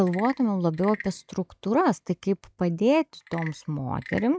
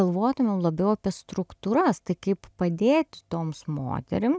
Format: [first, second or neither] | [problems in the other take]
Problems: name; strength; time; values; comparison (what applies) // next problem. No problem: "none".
second | noise reduction (classical method log-MMSE)